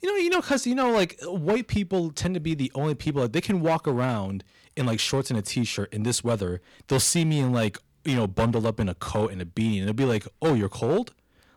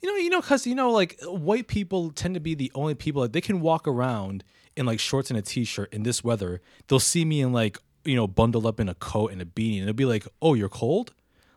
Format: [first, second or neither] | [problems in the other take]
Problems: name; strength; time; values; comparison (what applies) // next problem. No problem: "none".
second | distortion; slight; 6% of the sound clipped